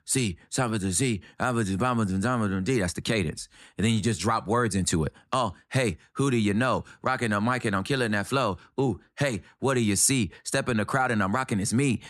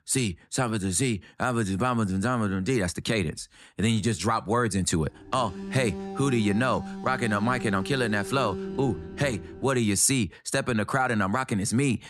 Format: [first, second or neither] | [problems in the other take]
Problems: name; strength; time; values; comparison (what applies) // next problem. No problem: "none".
first | alarm; noticeable; from 5 to 9.5 s; peak 8 dB below the speech